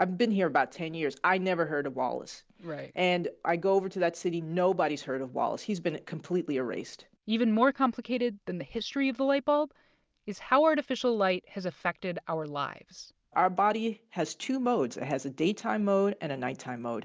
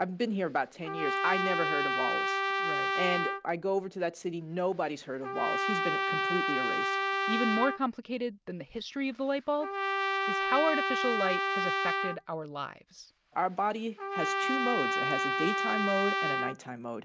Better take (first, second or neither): first